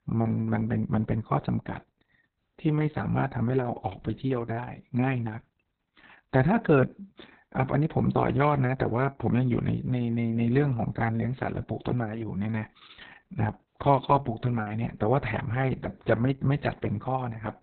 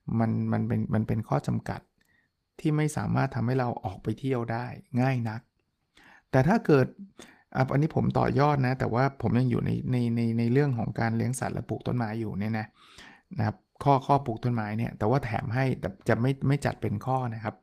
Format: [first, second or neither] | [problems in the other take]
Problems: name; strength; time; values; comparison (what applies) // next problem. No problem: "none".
second | garbled, watery; badly; nothing above 4 kHz; slightly in the second